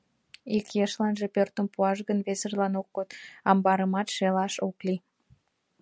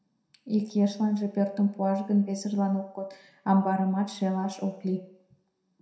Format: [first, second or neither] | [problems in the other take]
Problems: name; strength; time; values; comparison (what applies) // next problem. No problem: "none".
first | room echo; dies away in 0.6 s